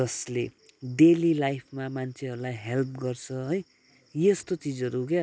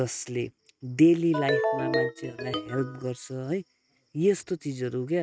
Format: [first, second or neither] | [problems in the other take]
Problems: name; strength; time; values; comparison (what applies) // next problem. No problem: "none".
first | noise reduction (neural mask model RNNoise)